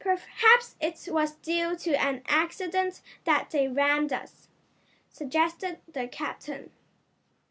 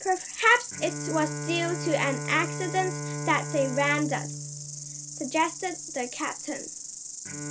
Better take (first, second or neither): first